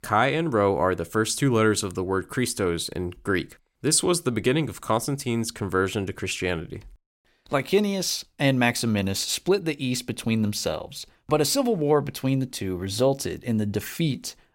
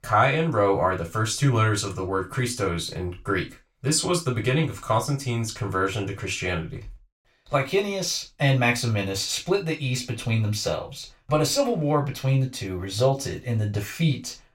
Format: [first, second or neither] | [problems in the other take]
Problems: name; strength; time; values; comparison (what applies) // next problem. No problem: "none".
first | room echo; very slight; dies away in 0.2 s // off-mic speech; far